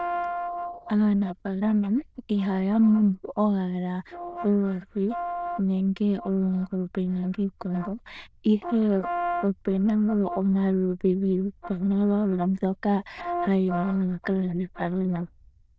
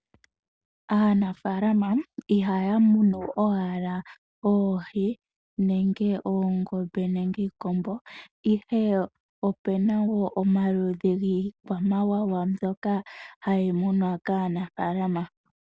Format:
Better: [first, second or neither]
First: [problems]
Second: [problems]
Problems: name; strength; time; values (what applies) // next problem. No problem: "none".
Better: second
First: noise reduction (neural diffusion model UNIVERSE++)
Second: none